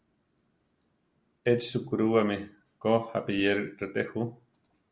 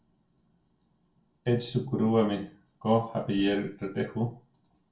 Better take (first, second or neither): first